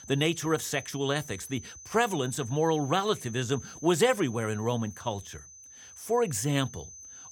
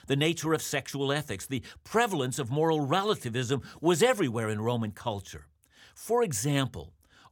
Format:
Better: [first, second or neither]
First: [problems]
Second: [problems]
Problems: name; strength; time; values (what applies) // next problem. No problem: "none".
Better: second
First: high-pitched whine; noticeable; throughout; 6 kHz, 15 dB below the speech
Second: none